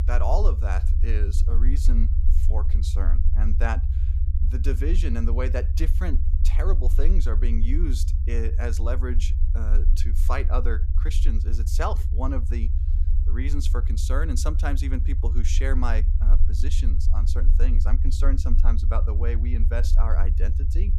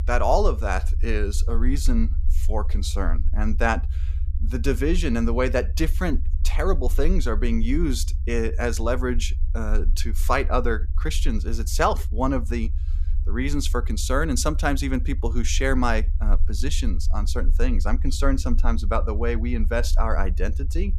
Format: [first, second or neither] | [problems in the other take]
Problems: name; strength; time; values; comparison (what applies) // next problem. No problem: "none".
second | low rumble; loud; throughout; 9 dB below the speech; faint in the second